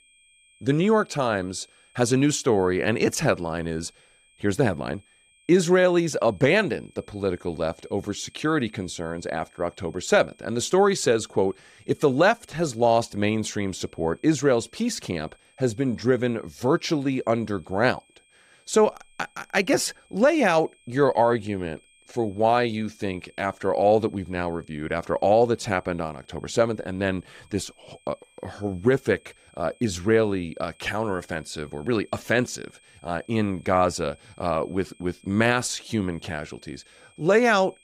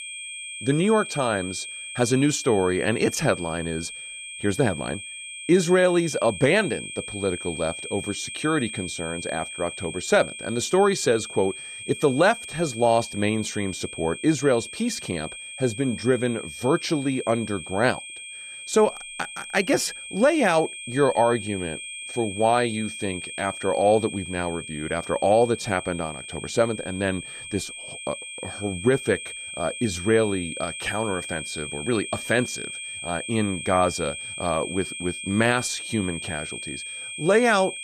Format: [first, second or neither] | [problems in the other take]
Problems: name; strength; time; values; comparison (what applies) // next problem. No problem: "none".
first | high-pitched whine; loud; throughout; 2.5 kHz, 9 dB below the speech; faint in the first